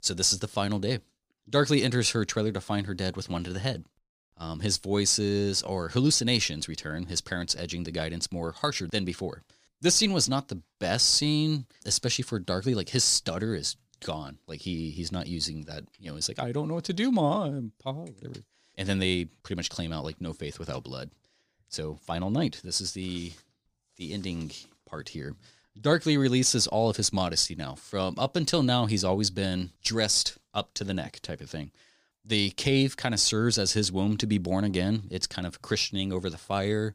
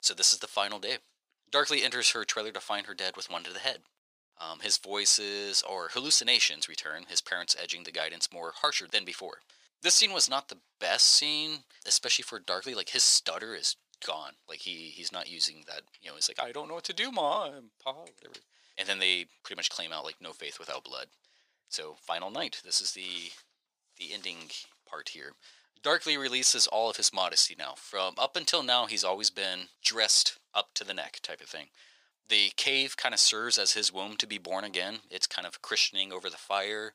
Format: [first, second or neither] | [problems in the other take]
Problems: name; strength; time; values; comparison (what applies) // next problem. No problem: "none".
first | thin; very; fading below 750 Hz